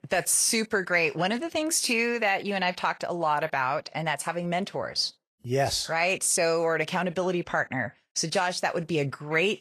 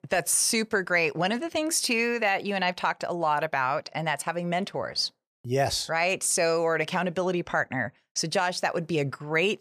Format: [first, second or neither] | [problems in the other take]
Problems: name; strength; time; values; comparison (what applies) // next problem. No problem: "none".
second | garbled, watery; slightly; nothing above 12.5 kHz